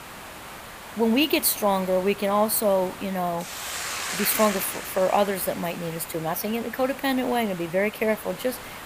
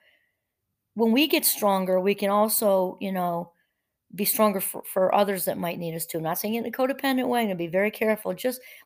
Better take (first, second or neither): second